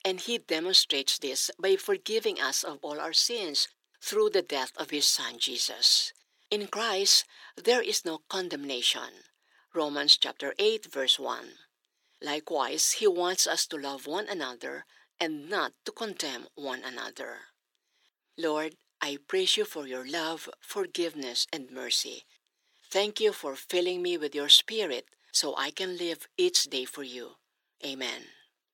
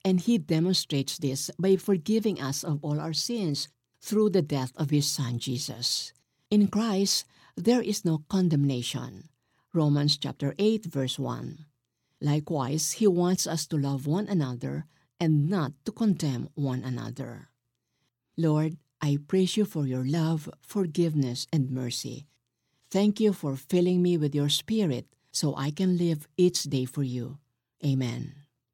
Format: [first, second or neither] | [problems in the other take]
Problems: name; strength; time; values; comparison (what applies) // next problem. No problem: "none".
second | thin; very; fading below 400 Hz